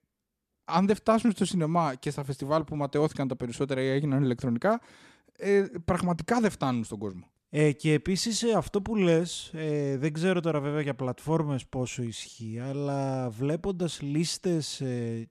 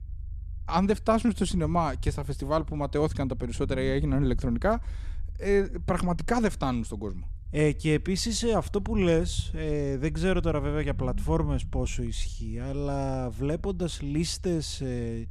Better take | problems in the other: first | low rumble; faint; throughout; 25 dB below the speech

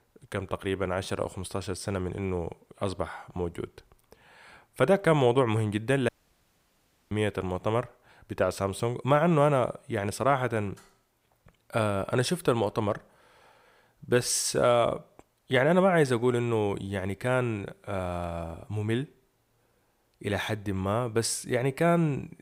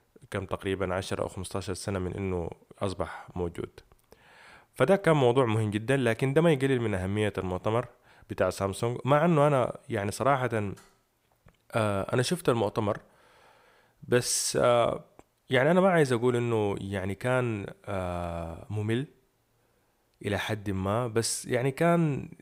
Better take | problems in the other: second | audio cutting out; at 6 s for 1 s

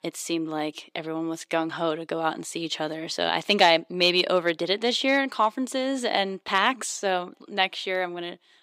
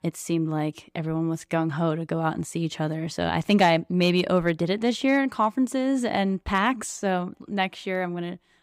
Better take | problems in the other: second | thin; somewhat; fading below 400 Hz

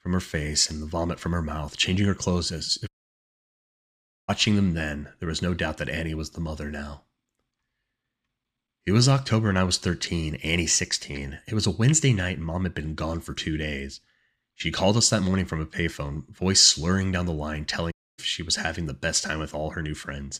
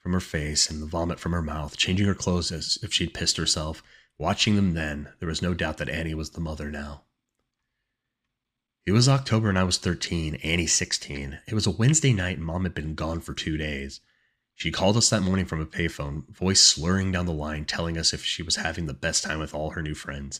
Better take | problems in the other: second | audio cutting out; at 3 s for 1.5 s and at 18 s

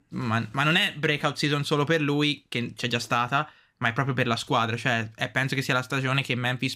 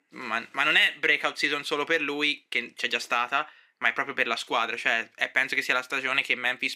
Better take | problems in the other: first | thin; somewhat; fading below 350 Hz

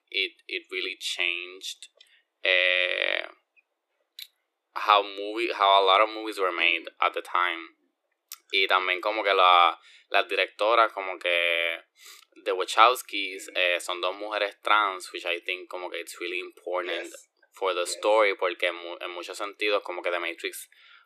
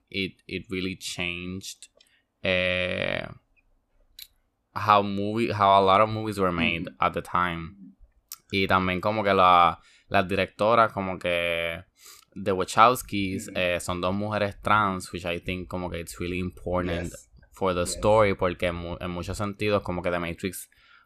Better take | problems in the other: second | thin; very; fading below 300 Hz

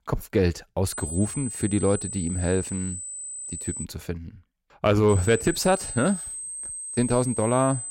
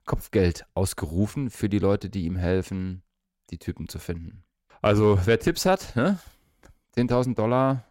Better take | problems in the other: second | high-pitched whine; loud; from 1 to 4 s and from 5 s on; 8 kHz, 7 dB below the speech

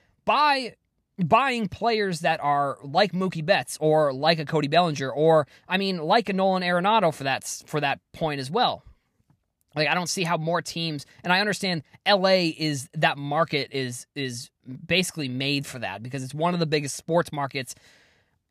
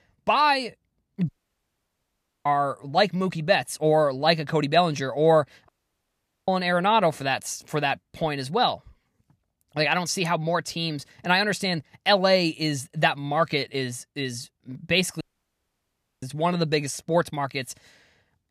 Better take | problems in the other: first | audio cutting out; at 1.5 s for 1 s, at 5.5 s for 1 s and at 15 s for 1 s

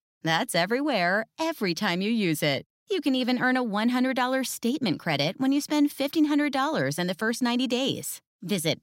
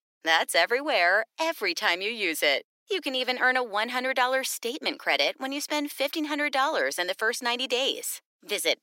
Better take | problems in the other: first | thin; very; fading below 400 Hz

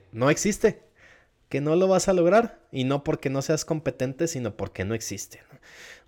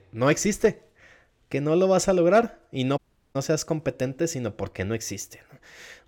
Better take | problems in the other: first | audio cutting out; at 3 s

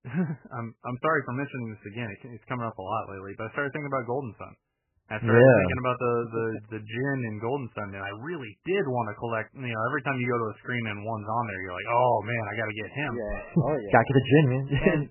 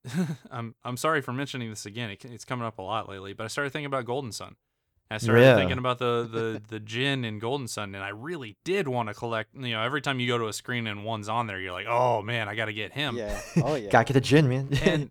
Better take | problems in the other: second | garbled, watery; badly; nothing above 3 kHz

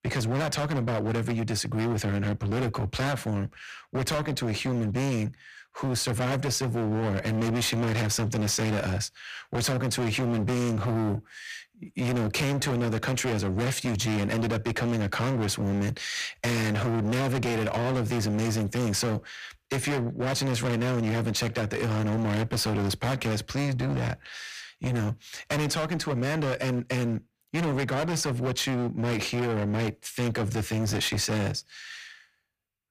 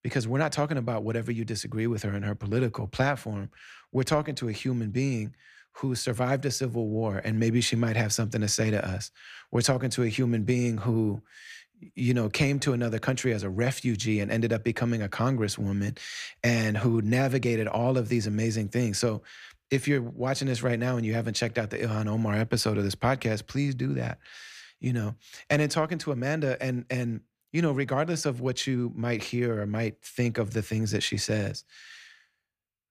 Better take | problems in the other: second | distortion; heavy; 35% of the sound clipped

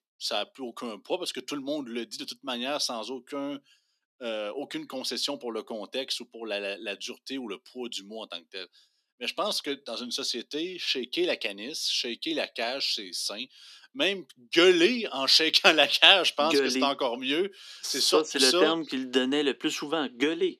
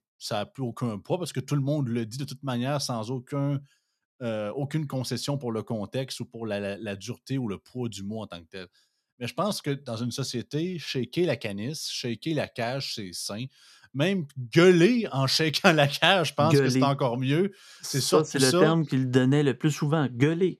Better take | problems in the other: second | thin; somewhat; fading below 250 Hz

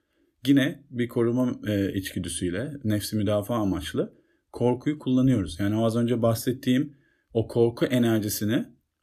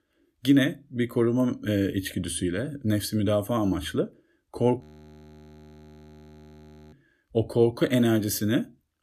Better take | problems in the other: first | audio freezing; at 5 s for 2 s

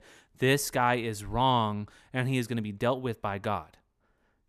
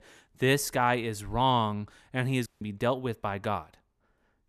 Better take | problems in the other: first | audio cutting out; at 2.5 s

